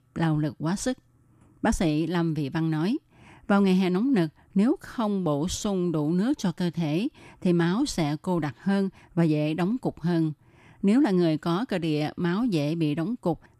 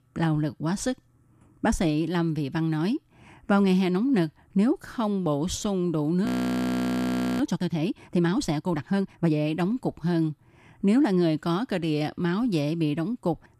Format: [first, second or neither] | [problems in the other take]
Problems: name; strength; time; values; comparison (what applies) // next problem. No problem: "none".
first | audio freezing; at 6.5 s for 1 s